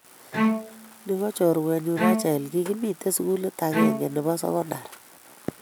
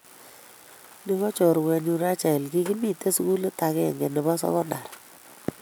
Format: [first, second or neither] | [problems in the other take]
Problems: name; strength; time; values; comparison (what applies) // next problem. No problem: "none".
second | background sound (Bowed string instrument); 3 dB below the speech